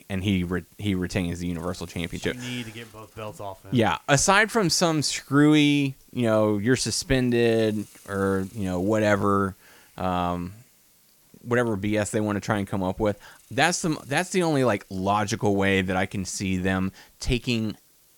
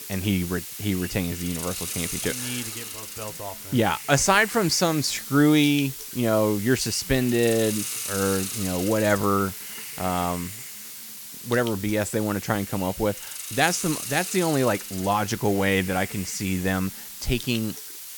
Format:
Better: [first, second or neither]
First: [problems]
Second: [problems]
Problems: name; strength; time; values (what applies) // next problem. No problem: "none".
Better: first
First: hiss; faint; throughout; 30 dB below the speech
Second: hiss; loud; throughout; 8 dB below the speech